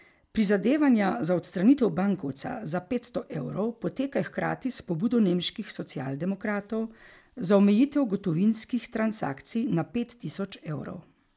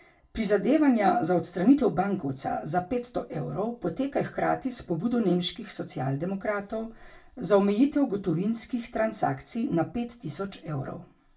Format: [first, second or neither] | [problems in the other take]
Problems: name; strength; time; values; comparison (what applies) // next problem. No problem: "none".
first | room echo; dies away in 0.2 s